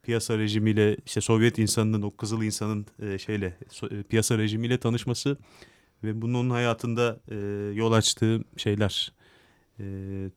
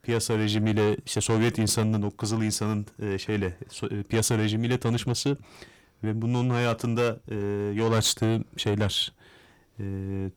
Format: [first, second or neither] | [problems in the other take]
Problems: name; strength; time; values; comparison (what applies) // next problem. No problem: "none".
first | distortion; slight; 9 dB below the speech